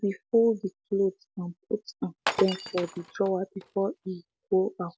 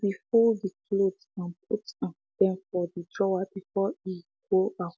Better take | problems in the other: second | background sound (Glass); 8 dB below the speech

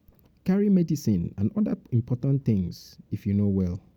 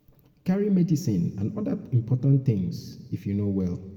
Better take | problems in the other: first | room echo; dies away in 1.4 s

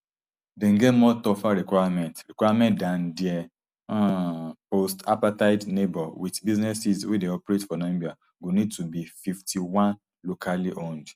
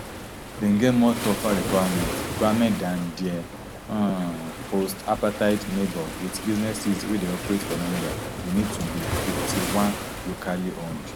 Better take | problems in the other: first | background sound (Waves, surf); 6 dB below the speech

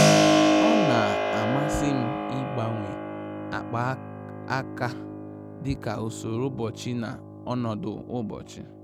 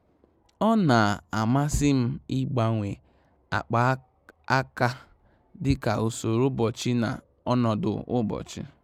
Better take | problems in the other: second | background sound (Keyboard (musical)); 4 dB above the speech

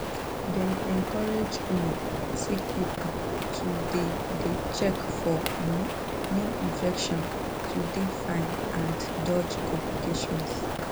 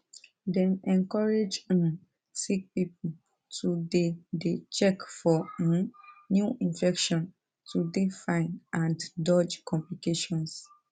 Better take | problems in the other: second | background sound (Rain); 1 dB above the speech

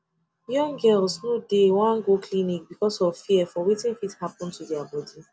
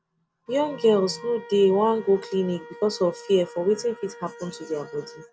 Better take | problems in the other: first | background sound (Wind instrument, woodwind instrument); 19 dB below the speech

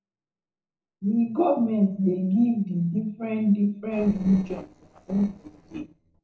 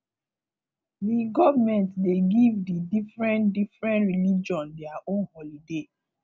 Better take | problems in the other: second | noise reduction (neural separator model SepFormer DNS4)

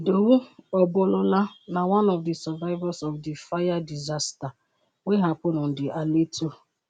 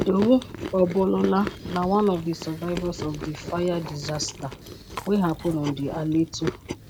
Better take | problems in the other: first | background sound (Chewing, mastication); 10 dB below the speech

